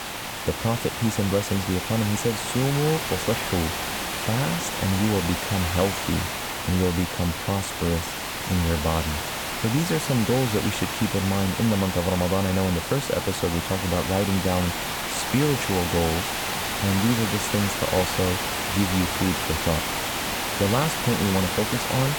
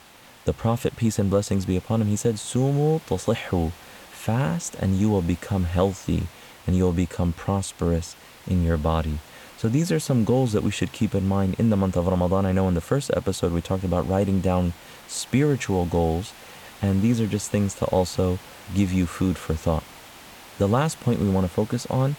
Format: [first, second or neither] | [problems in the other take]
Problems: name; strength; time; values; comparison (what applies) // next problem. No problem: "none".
second | hiss; loud; throughout; 2 dB below the speech; faint in the second